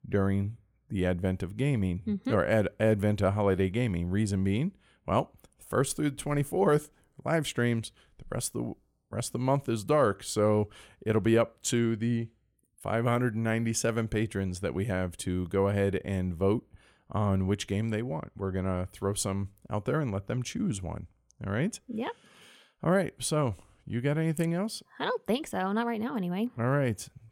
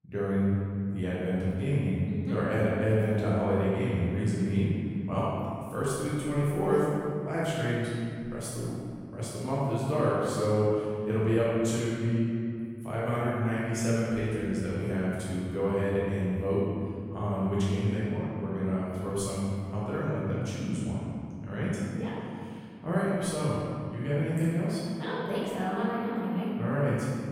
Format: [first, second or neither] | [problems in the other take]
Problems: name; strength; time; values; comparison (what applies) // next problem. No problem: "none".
first | room echo; strong; dies away in 2.2 s // off-mic speech; far